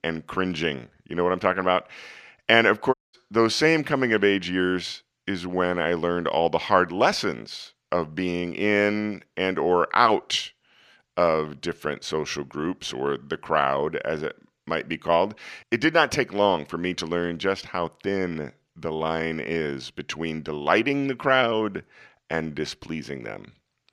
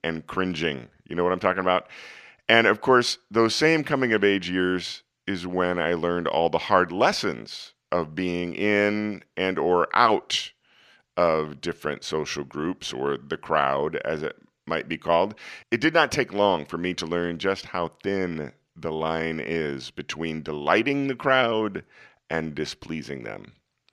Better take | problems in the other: second | audio cutting out; at 3 s

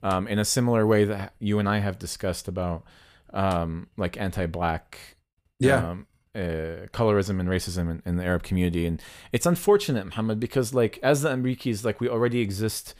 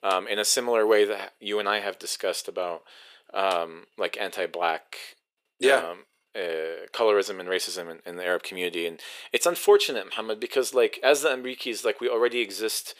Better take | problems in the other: first | thin; very; fading below 400 Hz

